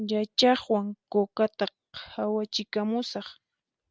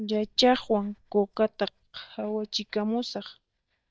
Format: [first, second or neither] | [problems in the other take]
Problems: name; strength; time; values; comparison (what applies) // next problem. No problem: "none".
first | noise reduction (neural mask model DeepFilterNet 3)